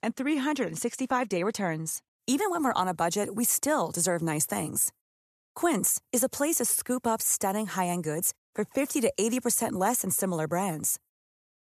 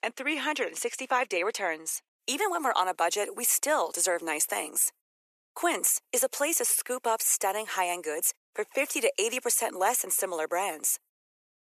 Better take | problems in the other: first | thin; very; fading below 400 Hz

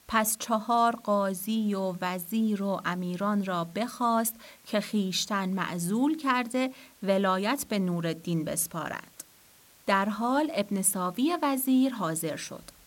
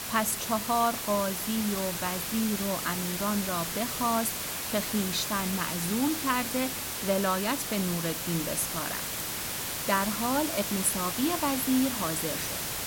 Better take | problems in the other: first | hiss; loud; throughout; 1 dB below the speech; faint in the first

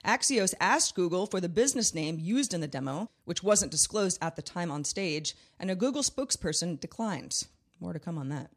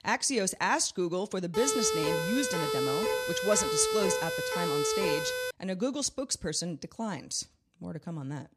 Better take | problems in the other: first | siren; loud; from 1.5 to 5.5 s; peak 2 dB above the speech

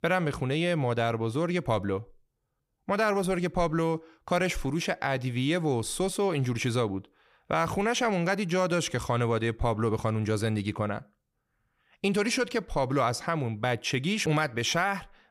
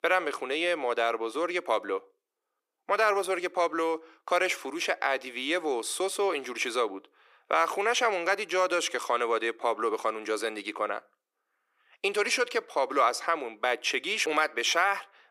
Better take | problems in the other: first | thin; very; fading below 350 Hz

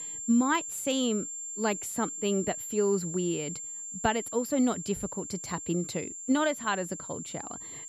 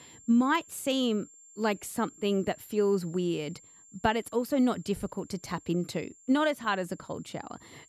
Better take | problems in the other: second | high-pitched whine; loud; throughout; 7.5 kHz, 6 dB below the speech; faint in the second

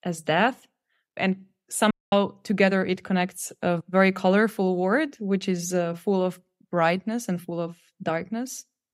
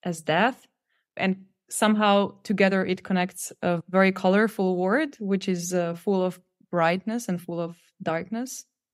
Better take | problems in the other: second | audio cutting out; at 2 s

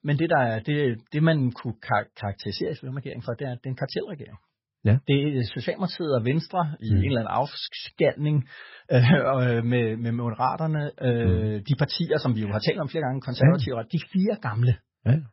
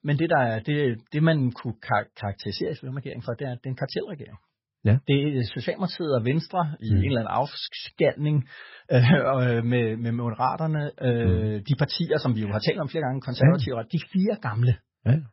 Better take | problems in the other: neither | garbled, watery; badly; nothing above 5.5 kHz; the same in both

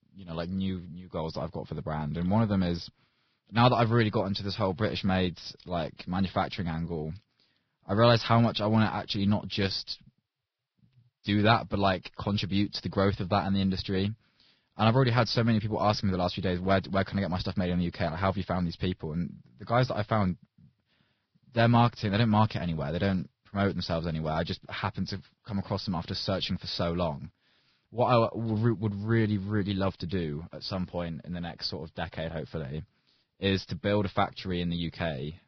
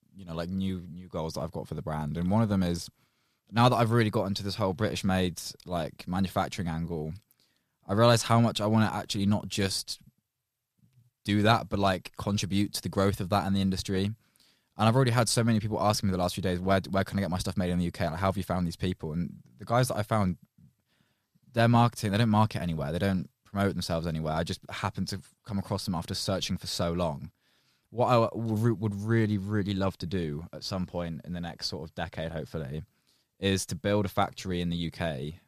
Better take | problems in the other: second | garbled, watery; badly; nothing above 5.5 kHz

